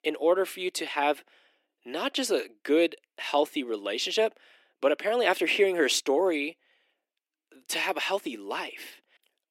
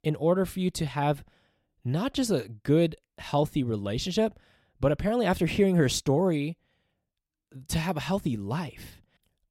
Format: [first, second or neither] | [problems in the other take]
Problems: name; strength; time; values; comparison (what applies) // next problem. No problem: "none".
second | thin; somewhat; fading below 300 Hz